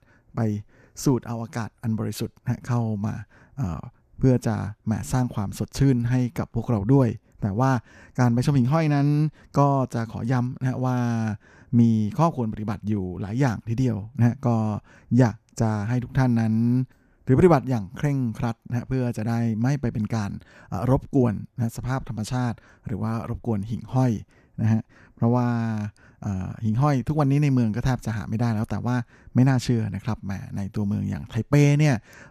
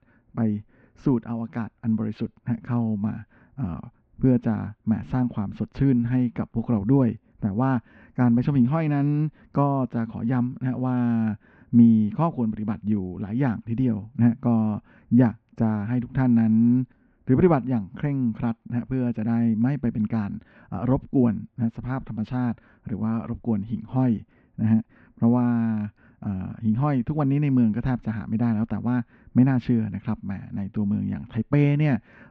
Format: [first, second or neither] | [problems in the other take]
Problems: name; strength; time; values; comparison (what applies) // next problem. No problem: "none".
first | muffled; very; fading above 3 kHz